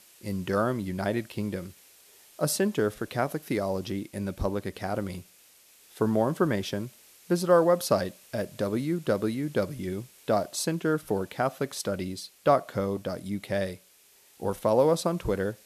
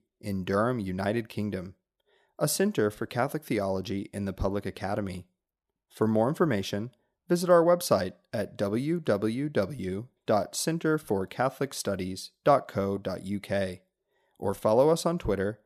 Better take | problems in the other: second | hiss; faint; throughout; 25 dB below the speech

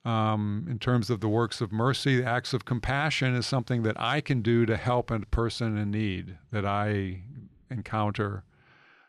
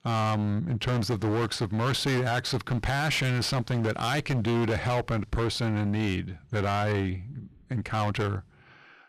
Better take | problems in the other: first | distortion; heavy; 27% of the sound clipped

